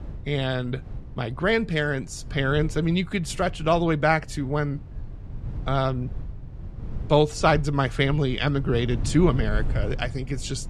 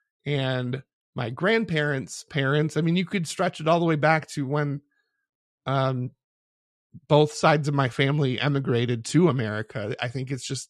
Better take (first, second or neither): second